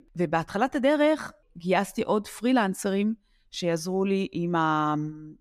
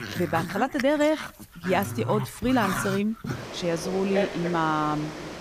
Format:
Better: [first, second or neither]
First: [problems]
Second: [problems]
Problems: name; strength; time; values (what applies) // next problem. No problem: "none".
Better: first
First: none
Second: animal sounds; loud; throughout; 7 dB below the speech